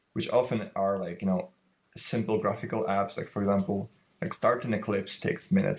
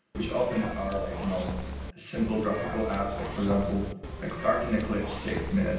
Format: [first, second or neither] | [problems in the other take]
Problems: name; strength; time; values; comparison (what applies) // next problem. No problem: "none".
first | background sound (Zipper (clothing) / Telephone); 7 dB below the speech // room echo; dies away in 0.9 s